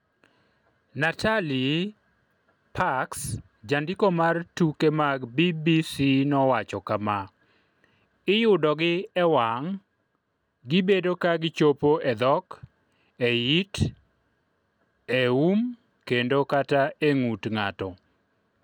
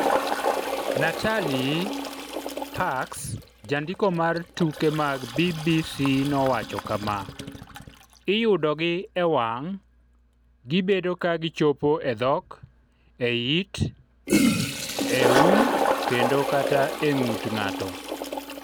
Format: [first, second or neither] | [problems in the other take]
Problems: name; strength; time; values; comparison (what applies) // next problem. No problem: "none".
first | background sound (Toilet flush); 3 dB below the speech